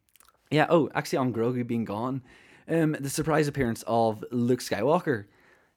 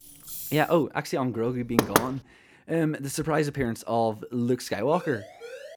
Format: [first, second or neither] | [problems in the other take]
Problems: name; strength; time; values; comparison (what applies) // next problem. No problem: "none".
first | jangling keys; noticeable; at the start; peak 7 dB below the speech // door banging; loud; at 2 s; peak 4 dB above the speech // siren; faint; at 5 s; peak 15 dB below the speech